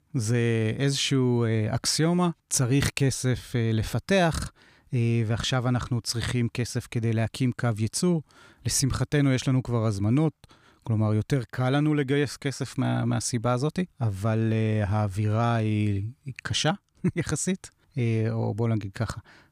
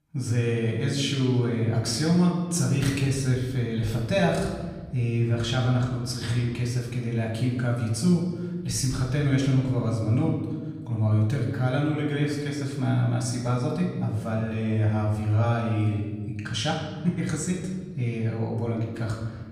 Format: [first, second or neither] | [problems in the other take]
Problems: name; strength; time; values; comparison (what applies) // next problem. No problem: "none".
first | off-mic speech; far // room echo; noticeable; dies away in 1.3 s